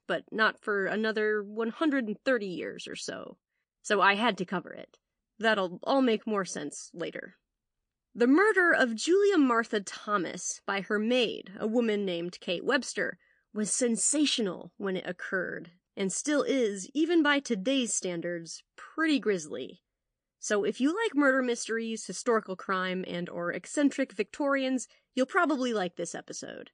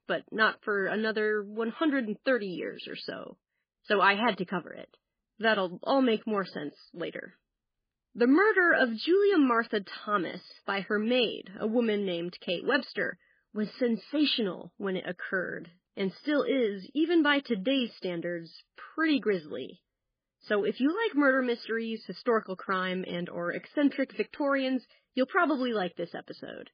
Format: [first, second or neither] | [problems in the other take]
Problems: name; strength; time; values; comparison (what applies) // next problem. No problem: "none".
first | garbled, watery; badly; nothing above 4.5 kHz; slightly in the first